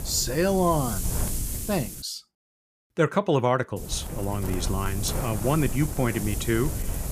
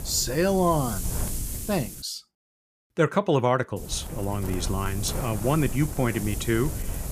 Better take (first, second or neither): second